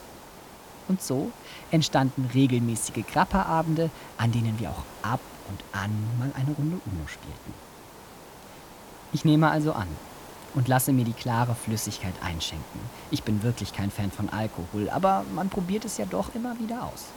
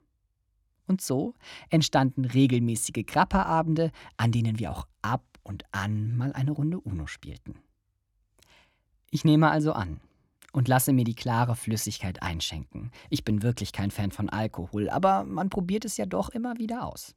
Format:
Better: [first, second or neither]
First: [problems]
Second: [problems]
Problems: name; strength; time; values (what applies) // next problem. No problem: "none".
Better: second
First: hiss; noticeable; throughout; 15 dB below the speech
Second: none